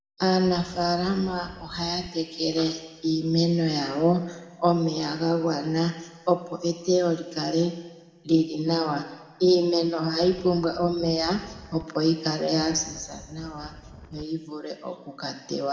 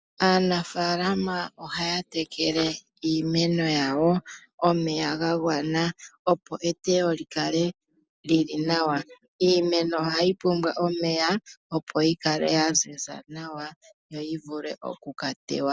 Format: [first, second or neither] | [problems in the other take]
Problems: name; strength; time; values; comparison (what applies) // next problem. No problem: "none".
second | background sound (Wind); 19 dB below the speech // room echo; dies away in 1.3 s